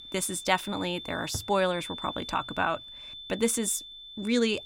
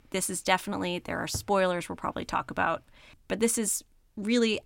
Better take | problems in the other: second | high-pitched whine; noticeable; throughout; 3.5 kHz, 10 dB below the speech

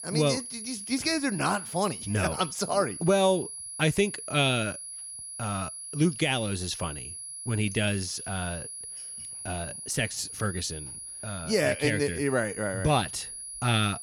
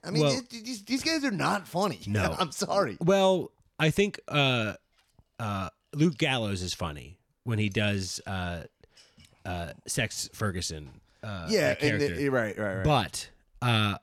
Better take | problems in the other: second | high-pitched whine; loud; throughout; 10.5 kHz, 9 dB below the speech

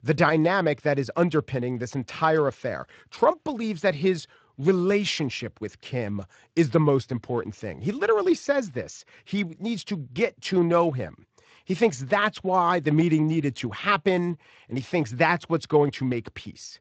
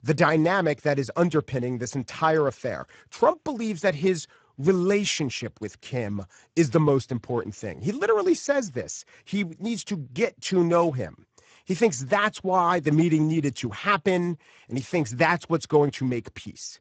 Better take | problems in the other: first | garbled, watery; badly; nothing above 7.5 kHz; slightly in the first

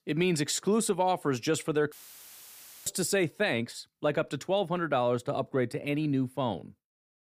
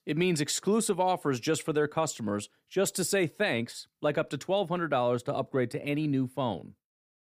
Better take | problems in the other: second | audio cutting out; filled with static; at 2 s for 1 s

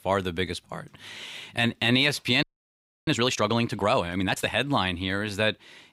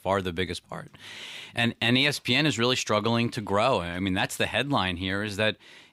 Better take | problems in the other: second | audio freezing; at 2.5 s for 0.5 s

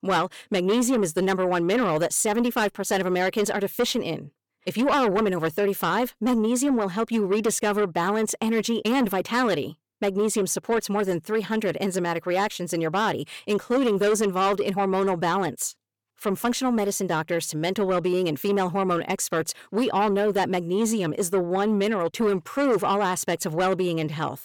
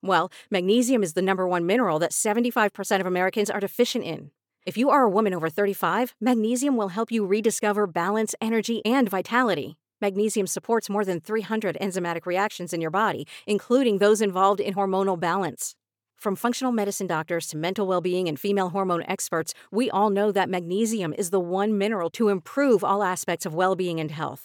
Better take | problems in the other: second | distortion; slight; 10 dB below the speech

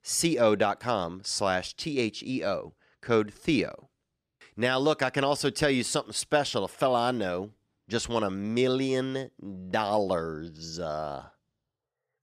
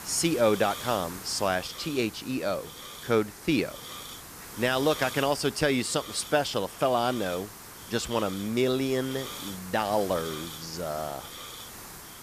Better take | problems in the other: first | hiss; noticeable; throughout; 10 dB below the speech

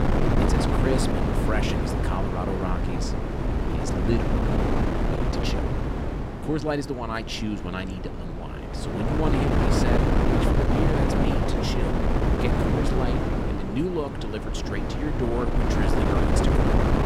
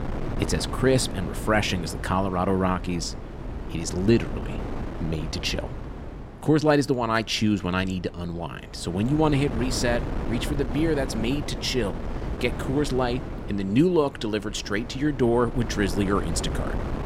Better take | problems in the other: second | wind noise on the microphone; heavy; 4 dB above the speech; occasional gusts in the second

